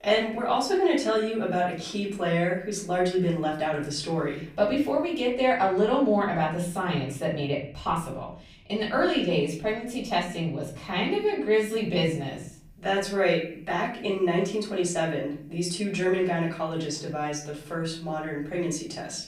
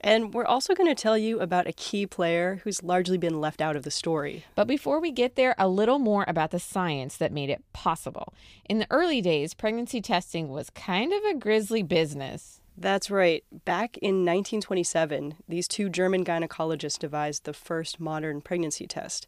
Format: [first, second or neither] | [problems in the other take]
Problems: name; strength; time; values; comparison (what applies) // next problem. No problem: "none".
second | off-mic speech; far // room echo; slight; dies away in 0.6 s